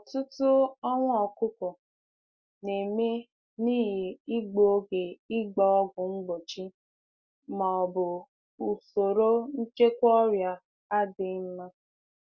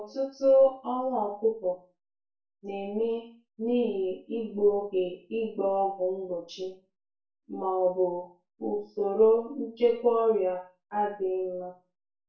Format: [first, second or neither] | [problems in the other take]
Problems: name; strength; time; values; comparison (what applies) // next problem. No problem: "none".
first | room echo; dies away in 0.3 s